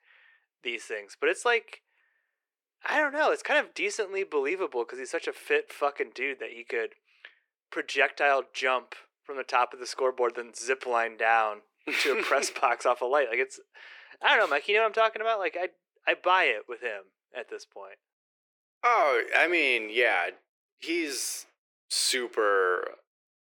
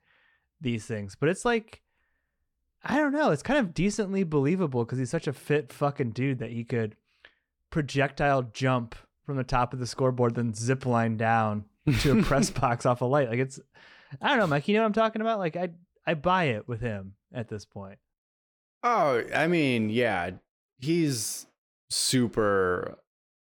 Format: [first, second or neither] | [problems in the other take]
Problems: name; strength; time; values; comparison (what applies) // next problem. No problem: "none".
second | thin; very; fading below 350 Hz